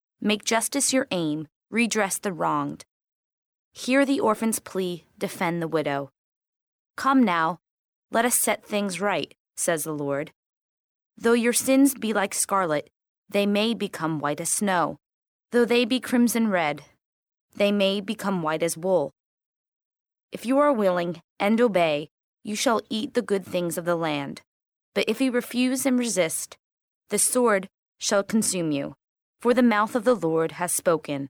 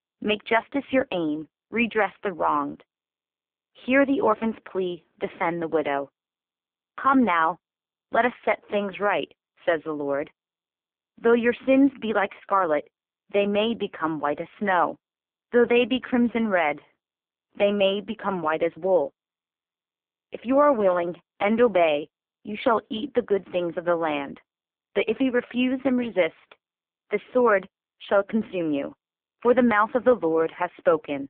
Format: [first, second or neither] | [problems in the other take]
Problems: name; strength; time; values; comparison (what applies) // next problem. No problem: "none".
first | phone-call audio; poor line; nothing above 3.5 kHz